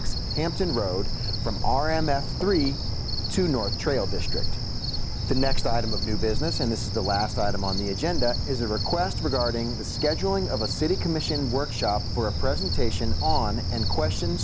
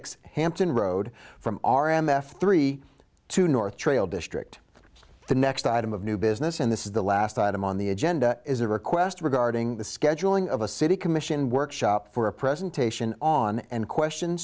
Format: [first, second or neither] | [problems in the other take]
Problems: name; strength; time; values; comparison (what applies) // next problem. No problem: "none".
second | background sound (Cricket); 2 dB above the speech